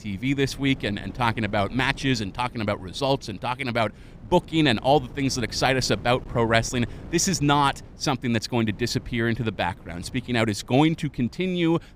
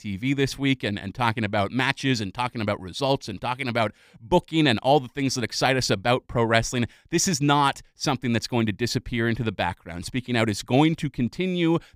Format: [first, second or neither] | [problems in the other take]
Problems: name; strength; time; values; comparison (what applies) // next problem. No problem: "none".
second | wind noise on the microphone; occasional gusts; 25 dB below the speech